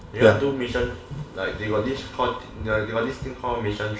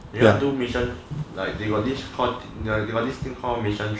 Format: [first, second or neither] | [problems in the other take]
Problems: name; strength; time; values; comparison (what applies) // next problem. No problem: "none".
second | room echo; dies away in 0.3 s